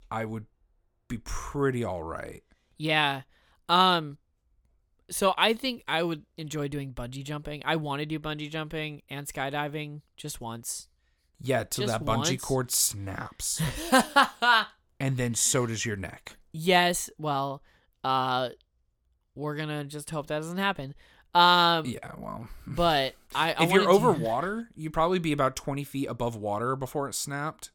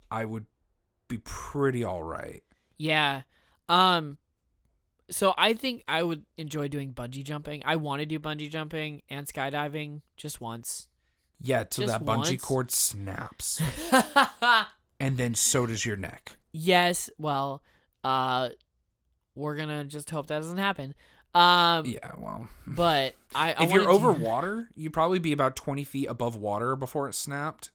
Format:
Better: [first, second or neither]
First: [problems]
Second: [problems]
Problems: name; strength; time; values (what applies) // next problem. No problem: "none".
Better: first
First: none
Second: garbled, watery; slightly; nothing above 18.5 kHz